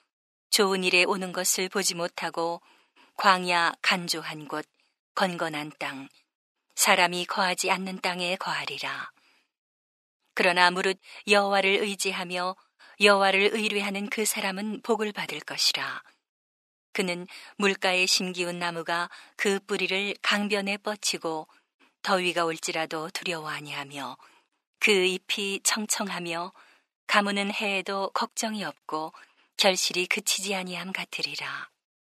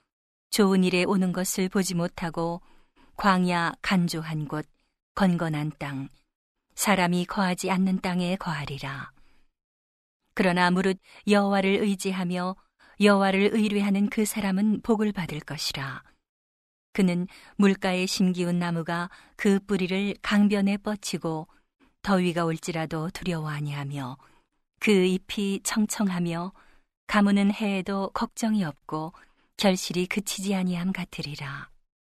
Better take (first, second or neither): second